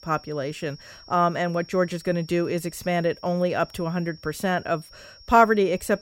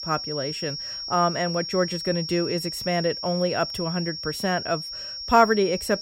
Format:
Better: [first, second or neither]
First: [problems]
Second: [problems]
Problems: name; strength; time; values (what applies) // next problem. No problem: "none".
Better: first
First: high-pitched whine; faint; throughout; 5.5 kHz, 20 dB below the speech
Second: high-pitched whine; loud; throughout; 5.5 kHz, 6 dB below the speech